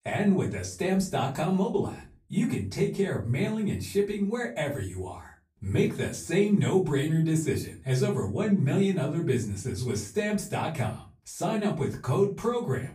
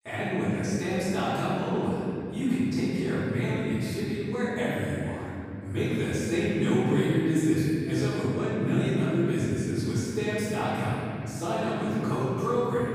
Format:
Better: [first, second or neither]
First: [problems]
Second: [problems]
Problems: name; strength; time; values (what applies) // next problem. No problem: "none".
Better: first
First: room echo; slight; dies away in 0.3 s // off-mic speech; far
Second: room echo; strong; dies away in 3 s // off-mic speech; far